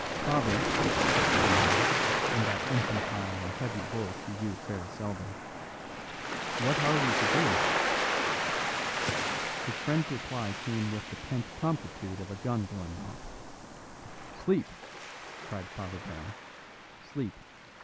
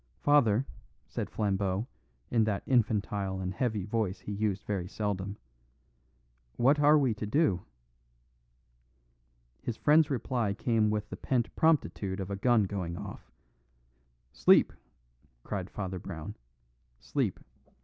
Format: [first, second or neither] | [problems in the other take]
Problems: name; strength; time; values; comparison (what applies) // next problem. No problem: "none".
second | background sound (Waves, surf); 3 dB above the speech